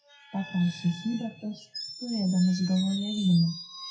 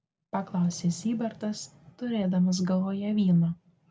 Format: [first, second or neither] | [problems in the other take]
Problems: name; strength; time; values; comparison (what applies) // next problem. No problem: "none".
second | noise reduction (classical method WPE with log-MMSE)